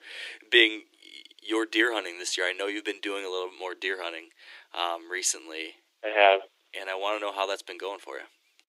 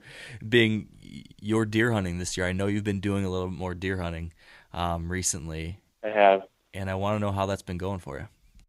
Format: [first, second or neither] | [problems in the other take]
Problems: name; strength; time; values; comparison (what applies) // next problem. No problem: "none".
second | thin; very; fading below 300 Hz